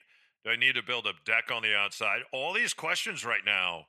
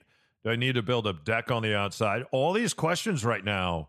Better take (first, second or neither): second